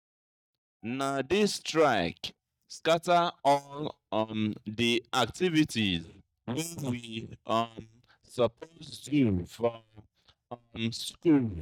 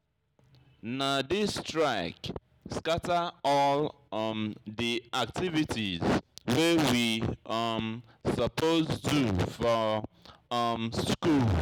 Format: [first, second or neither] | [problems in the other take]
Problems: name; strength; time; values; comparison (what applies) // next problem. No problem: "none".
second | noise reduction (neural mask model DeepFilterNet 3)